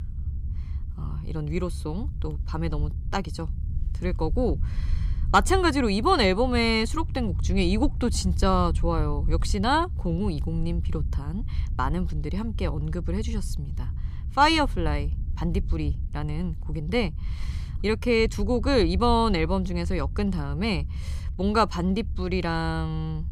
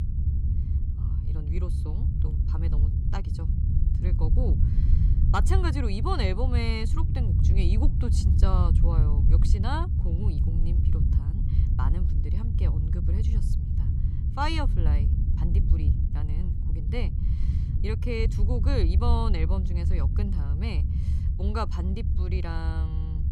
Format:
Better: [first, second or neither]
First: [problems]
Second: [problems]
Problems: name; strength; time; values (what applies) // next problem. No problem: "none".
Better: first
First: low rumble; faint; throughout; 25 dB below the speech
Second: low rumble; loud; throughout; 6 dB below the speech